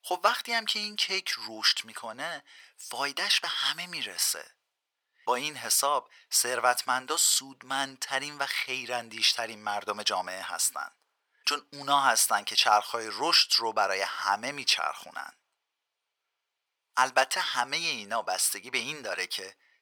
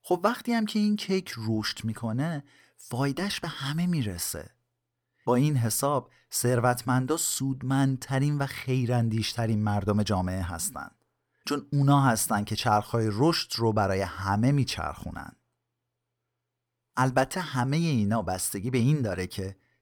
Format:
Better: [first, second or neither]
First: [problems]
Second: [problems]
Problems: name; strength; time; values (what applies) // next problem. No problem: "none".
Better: second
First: thin; very; fading below 850 Hz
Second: none